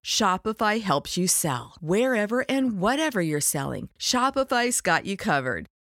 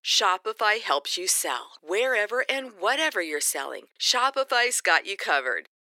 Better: first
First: none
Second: thin; very; fading below 350 Hz

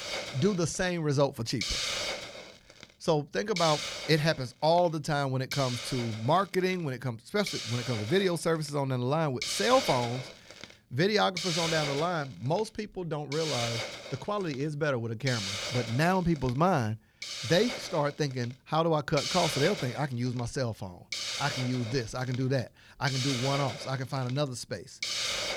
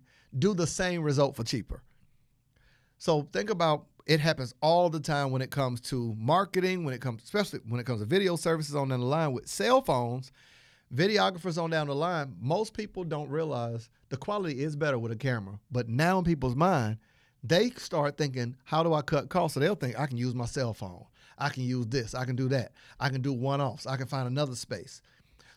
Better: second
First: hiss; loud; throughout; 5 dB below the speech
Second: none

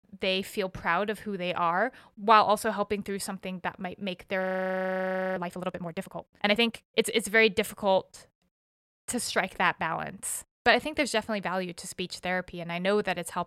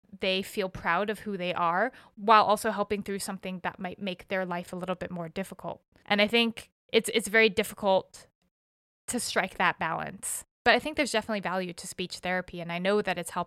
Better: second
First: audio freezing; at 4.5 s for 1 s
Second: none

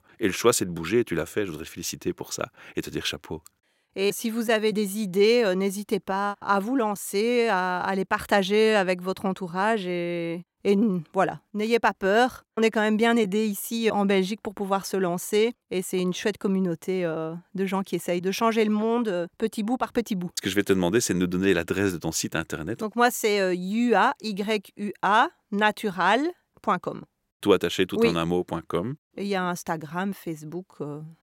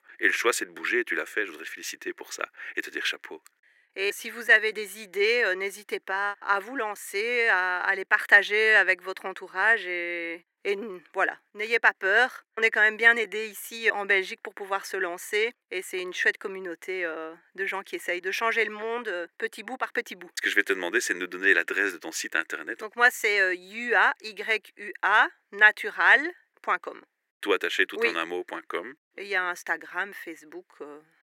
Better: first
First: none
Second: thin; very; fading below 350 Hz

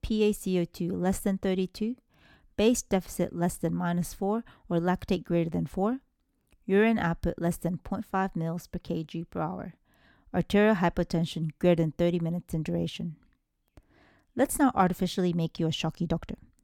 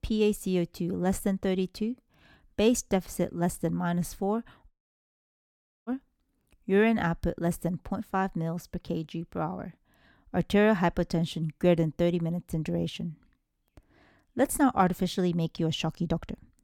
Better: first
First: none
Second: audio cutting out; at 4.5 s for 1 s

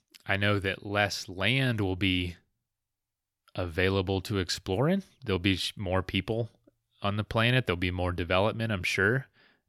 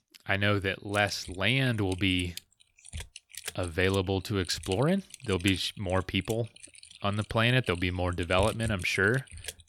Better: first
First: none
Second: keyboard typing; noticeable; from 1 s on; peak 8 dB below the speech

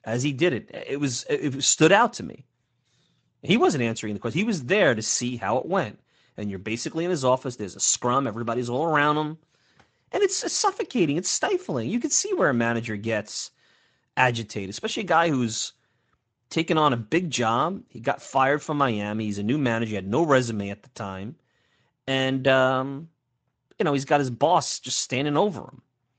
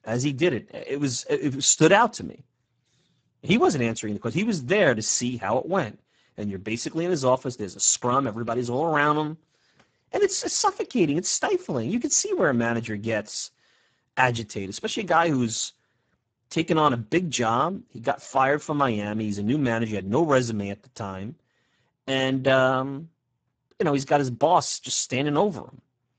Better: first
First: garbled, watery; slightly; nothing above 7.5 kHz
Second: garbled, watery; badly; nothing above 7.5 kHz

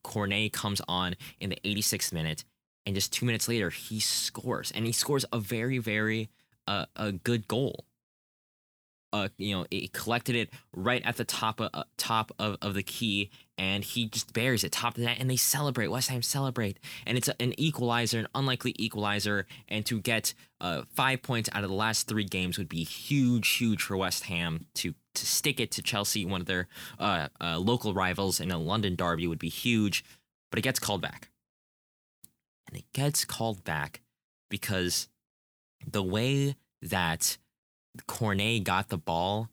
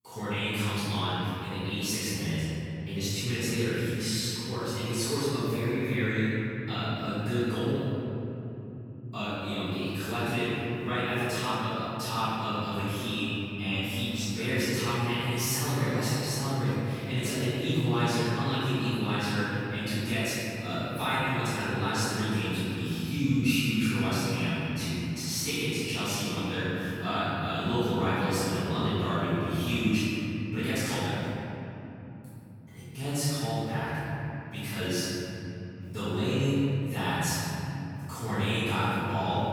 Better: first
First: none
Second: off-mic speech; far // room echo; strong; dies away in 3 s

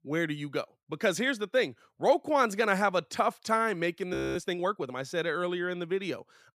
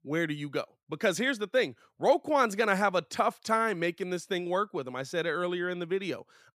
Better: second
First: audio freezing; at 4 s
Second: none

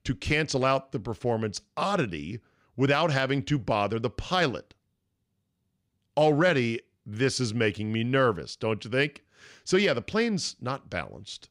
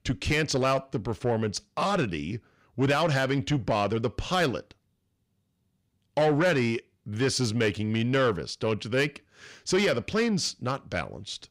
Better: first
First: none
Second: distortion; slight; 10 dB below the speech

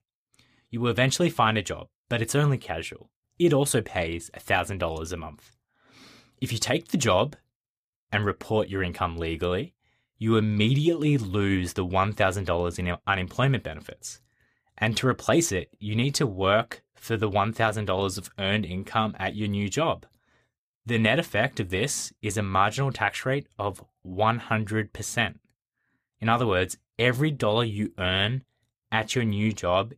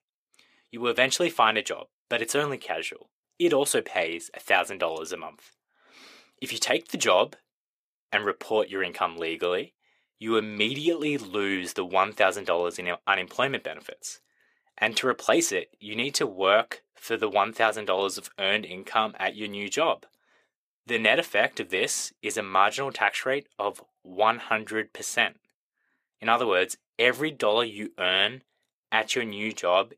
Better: first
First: none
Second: thin; somewhat; fading below 400 Hz

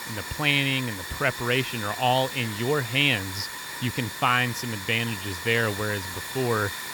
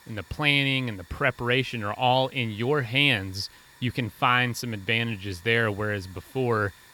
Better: second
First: hiss; loud; throughout; 8 dB below the speech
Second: hiss; faint; throughout; 25 dB below the speech

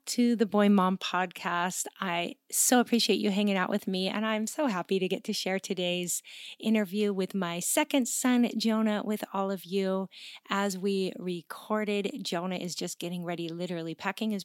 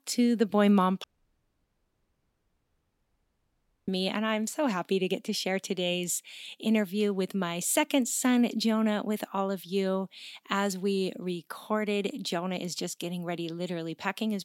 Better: first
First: none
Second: audio cutting out; at 1 s for 3 s

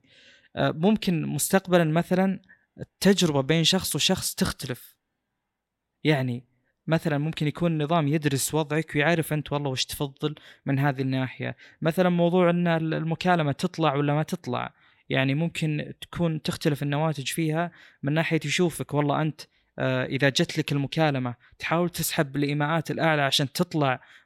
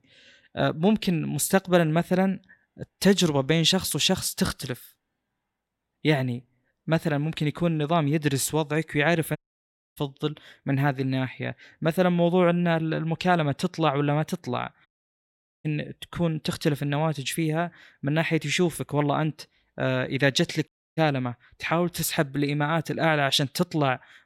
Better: first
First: none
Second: audio cutting out; at 9.5 s for 0.5 s, at 15 s for 1 s and at 21 s

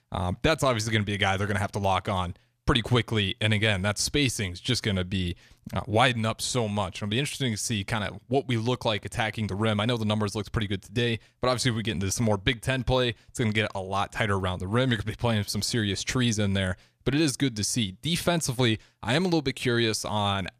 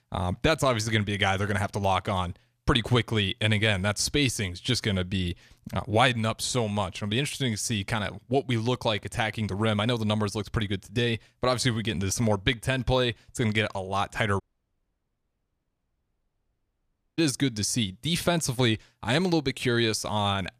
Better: first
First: none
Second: audio cutting out; at 14 s for 3 s

